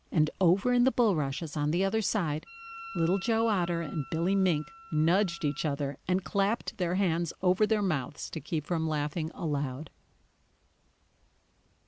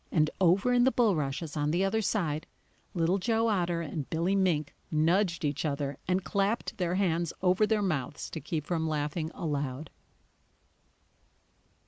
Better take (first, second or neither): second